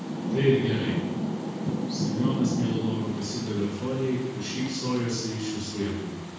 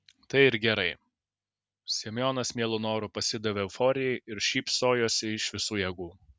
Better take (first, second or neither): second